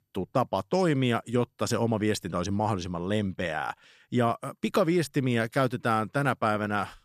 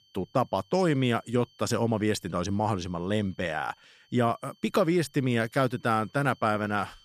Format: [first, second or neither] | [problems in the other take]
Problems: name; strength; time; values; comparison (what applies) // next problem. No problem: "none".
first | high-pitched whine; faint; throughout; 3 kHz, 35 dB below the speech